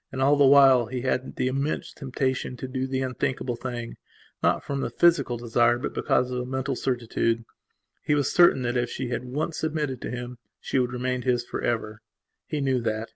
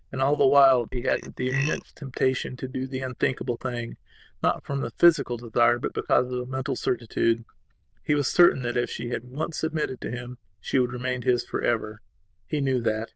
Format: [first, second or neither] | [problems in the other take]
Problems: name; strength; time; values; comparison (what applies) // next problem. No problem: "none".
first | noise reduction (neural diffusion model UNIVERSE++)